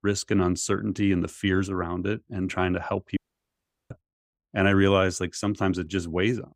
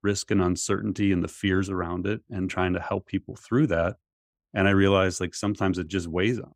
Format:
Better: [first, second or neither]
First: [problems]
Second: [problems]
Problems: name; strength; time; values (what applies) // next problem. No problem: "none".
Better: second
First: audio cutting out; at 3 s for 0.5 s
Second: none